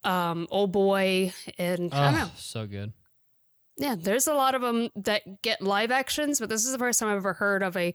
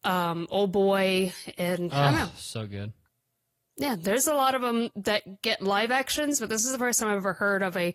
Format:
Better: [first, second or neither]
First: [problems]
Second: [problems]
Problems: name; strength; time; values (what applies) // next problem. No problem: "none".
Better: first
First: none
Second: garbled, watery; slightly